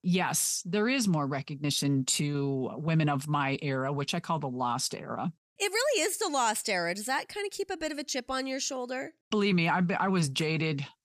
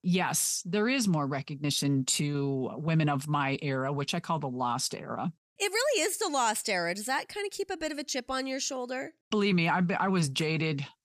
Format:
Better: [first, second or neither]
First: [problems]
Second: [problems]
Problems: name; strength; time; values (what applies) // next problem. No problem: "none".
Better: neither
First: none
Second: none